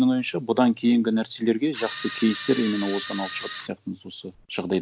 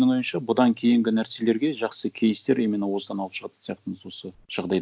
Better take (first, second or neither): second